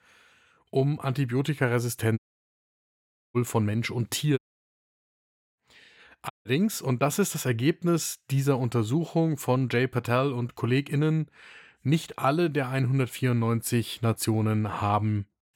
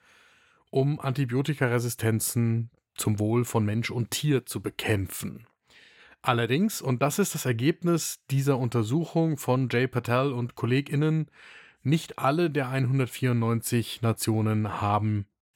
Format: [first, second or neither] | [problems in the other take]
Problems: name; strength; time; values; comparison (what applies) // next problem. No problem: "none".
second | audio cutting out; at 2 s for 1 s, at 4.5 s for 1 s and at 6.5 s